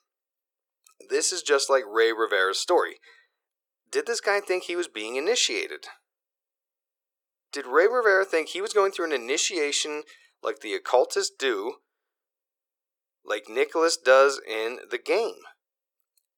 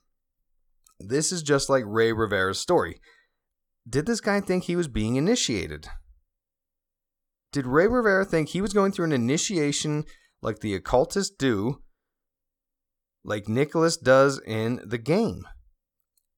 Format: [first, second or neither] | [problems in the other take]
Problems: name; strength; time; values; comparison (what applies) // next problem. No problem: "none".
second | thin; very; fading below 350 Hz